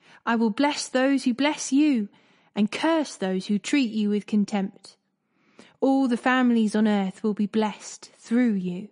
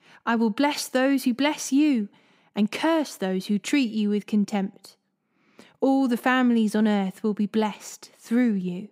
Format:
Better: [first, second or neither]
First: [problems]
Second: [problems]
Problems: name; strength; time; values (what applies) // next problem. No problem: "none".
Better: second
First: garbled, watery; slightly; nothing above 10.5 kHz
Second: none